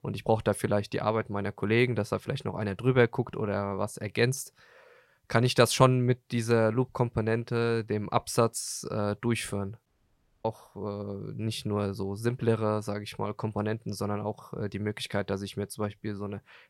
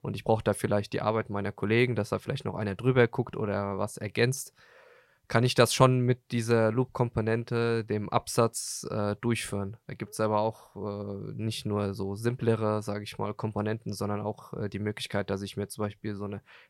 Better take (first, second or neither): second